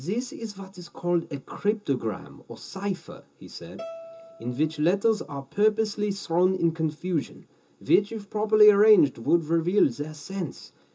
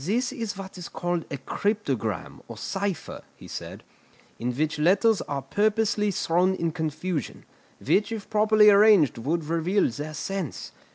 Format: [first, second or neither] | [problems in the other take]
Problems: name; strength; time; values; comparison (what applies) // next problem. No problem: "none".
second | background sound (Bowed string instrument); 18 dB below the speech // room echo; dies away in 0.2 s